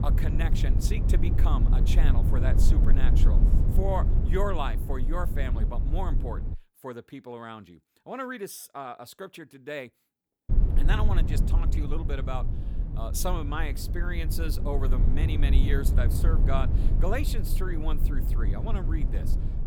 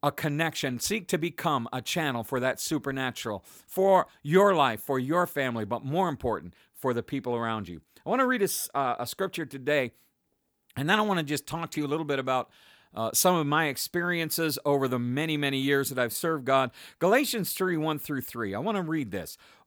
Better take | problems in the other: second | low rumble; loud; until 6.5 s and from 10 s on; 6 dB below the speech

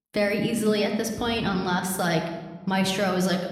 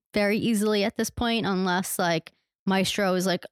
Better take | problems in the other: second | room echo; slight; dies away in 1.1 s

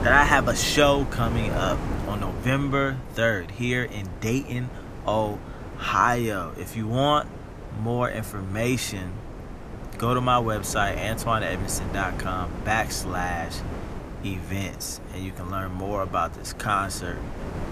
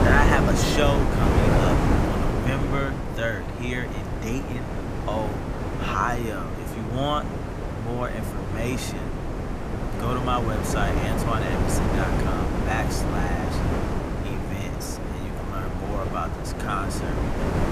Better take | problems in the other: first | wind noise on the microphone; heavy; 1 dB below the speech; occasional gusts in the first

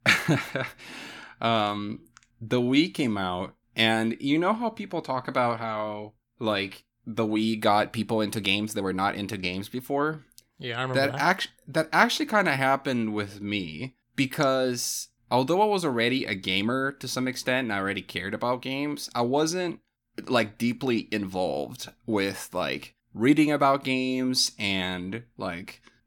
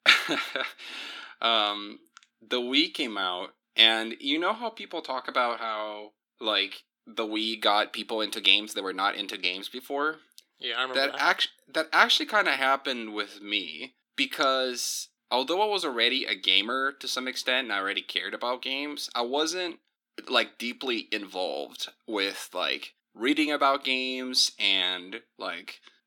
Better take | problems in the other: first | thin; somewhat; fading below 300 Hz

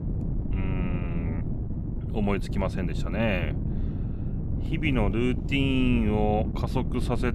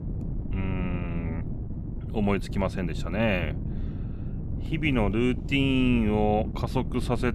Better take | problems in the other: second | wind noise on the microphone; heavy; 10 dB below the speech; occasional gusts in the second

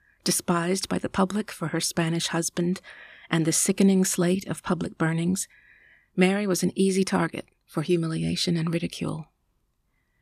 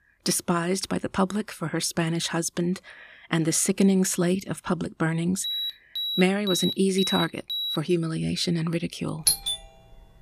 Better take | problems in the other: first | alarm; noticeable; from 5.5 to 8 s; peak 2 dB below the speech // doorbell; loud; at 9.5 s; peak 4 dB above the speech

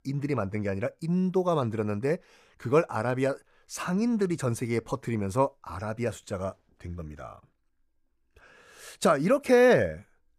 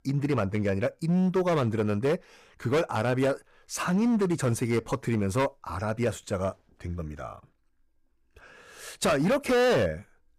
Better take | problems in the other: first | distortion; heavy; 9% of the sound clipped

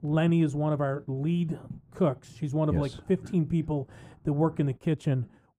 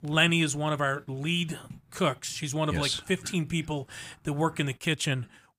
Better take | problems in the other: second | muffled; very; fading above 1 kHz

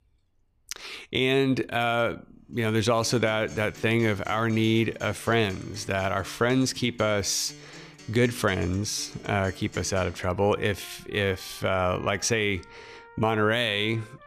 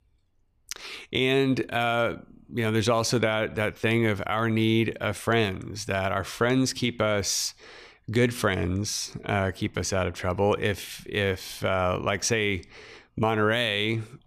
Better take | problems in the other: second | background music; faint; from 3 s on; 20 dB below the speech

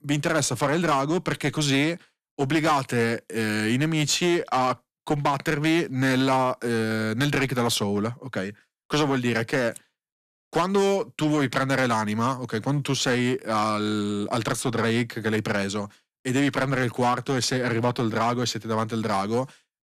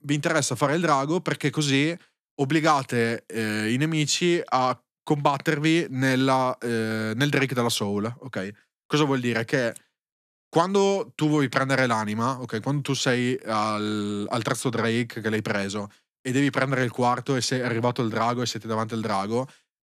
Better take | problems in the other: second | distortion; slight; 7% of the sound clipped

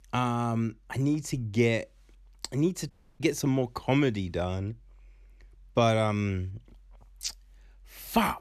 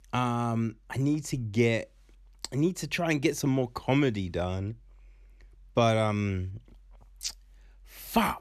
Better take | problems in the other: second | audio cutting out; at 3 s

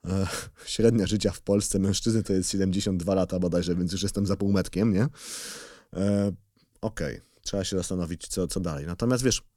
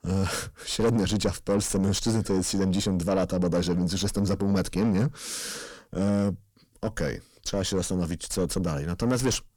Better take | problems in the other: first | distortion; slight; 10 dB below the speech

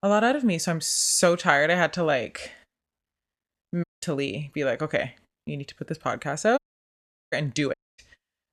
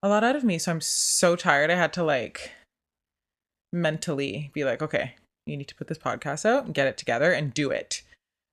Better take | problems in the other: second | audio cutting out; at 4 s, at 6.5 s for 0.5 s and at 7.5 s

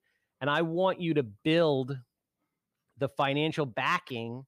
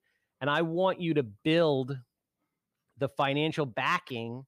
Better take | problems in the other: neither | none

